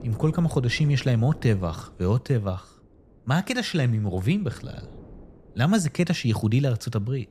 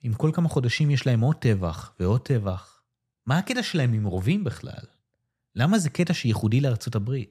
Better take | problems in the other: second | wind noise on the microphone; occasional gusts; 20 dB below the speech

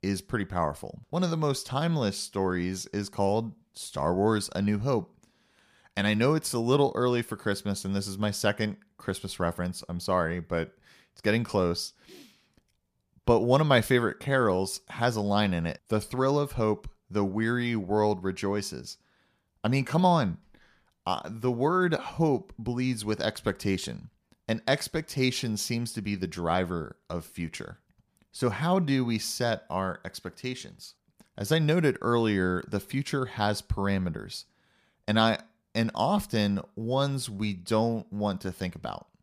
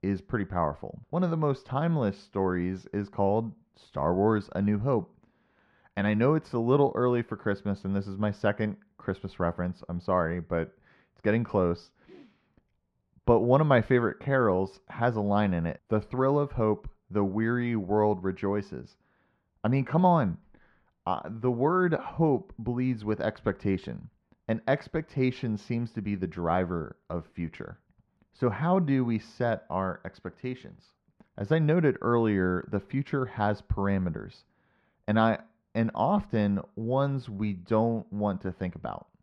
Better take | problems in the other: first | muffled; very; fading above 1.5 kHz

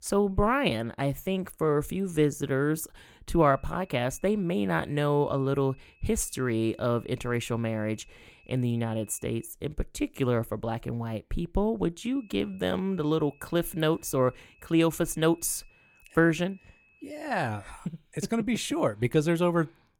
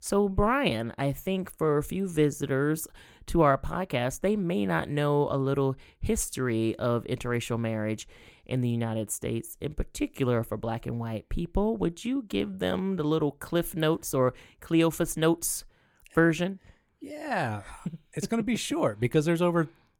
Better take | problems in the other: second | high-pitched whine; faint; from 3.5 to 9.5 s and from 12 to 18 s; 2.5 kHz, 30 dB below the speech

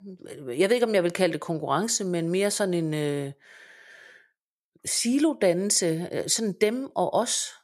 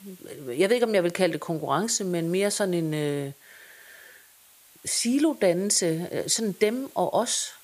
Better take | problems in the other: first | hiss; faint; throughout; 25 dB below the speech

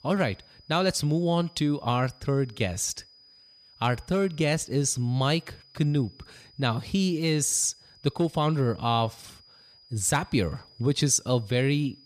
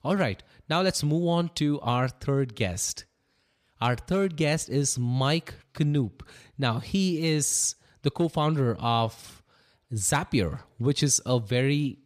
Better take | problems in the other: second | high-pitched whine; faint; throughout; 5 kHz, 25 dB below the speech

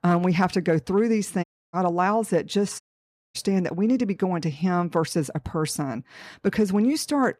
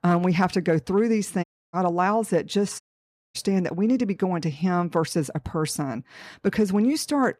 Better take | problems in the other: neither | audio cutting out; at 1.5 s and at 3 s for 0.5 s; the same in both

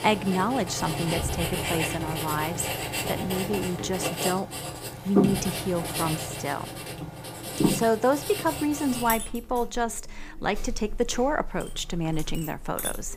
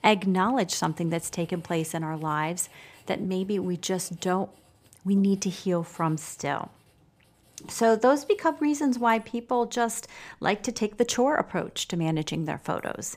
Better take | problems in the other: second | household noises; loud; throughout; 2 dB below the speech; faint in the second

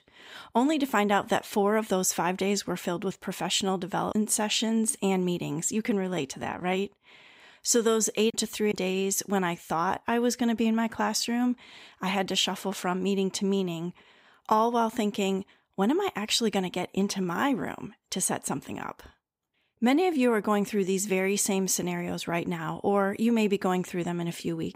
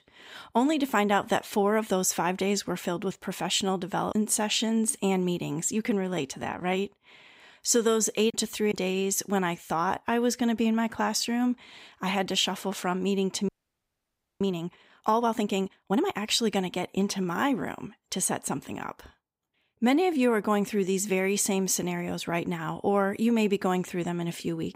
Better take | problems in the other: first | audio freezing; at 13 s for 1 s

